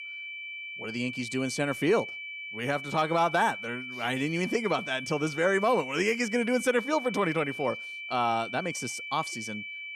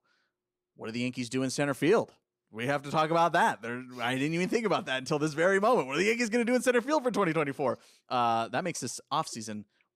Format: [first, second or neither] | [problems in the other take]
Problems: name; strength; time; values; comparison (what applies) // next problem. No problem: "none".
second | high-pitched whine; loud; throughout; 2.5 kHz, 8 dB below the speech